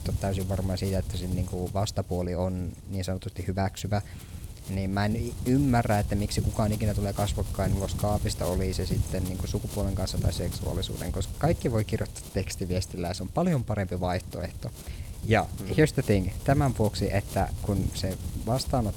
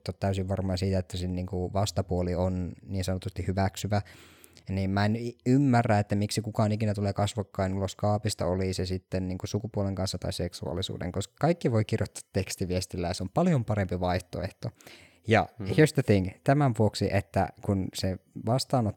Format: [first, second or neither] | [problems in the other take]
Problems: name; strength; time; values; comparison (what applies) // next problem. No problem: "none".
second | wind noise on the microphone; occasional gusts; 15 dB below the speech